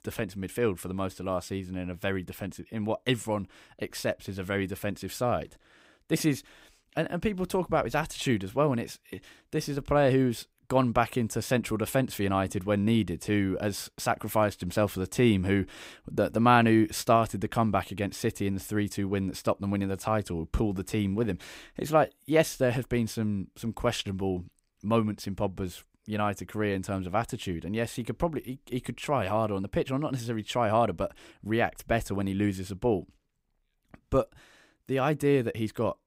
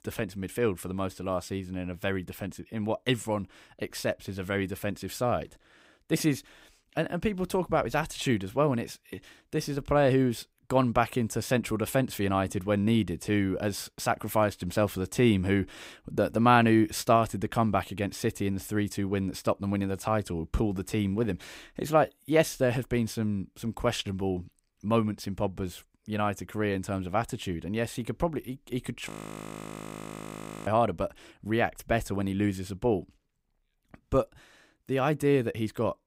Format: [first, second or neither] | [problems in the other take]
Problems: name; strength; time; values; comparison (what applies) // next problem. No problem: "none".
first | audio freezing; at 29 s for 1.5 s